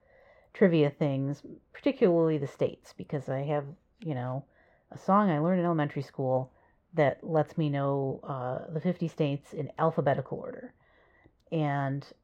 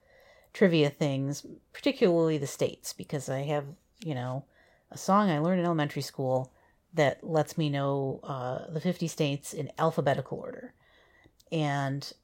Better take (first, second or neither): second